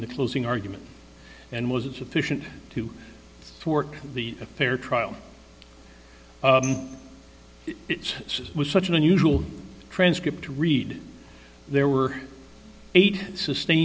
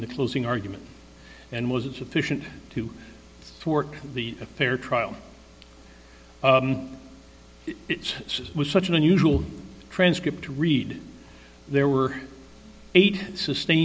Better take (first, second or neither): second